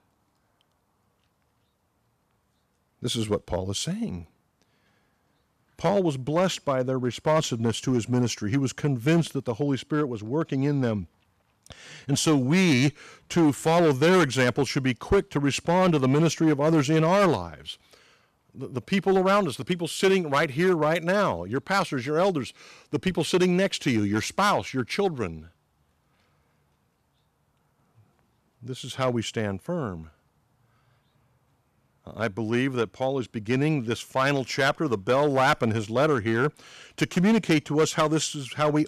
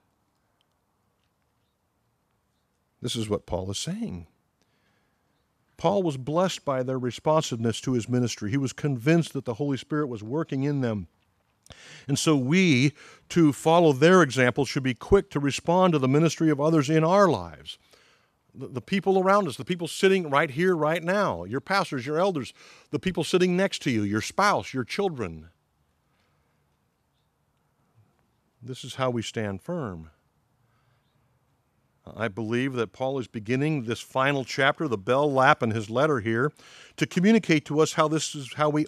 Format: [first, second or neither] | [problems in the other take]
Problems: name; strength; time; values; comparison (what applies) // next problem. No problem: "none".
second | distortion; slight; 4% of the sound clipped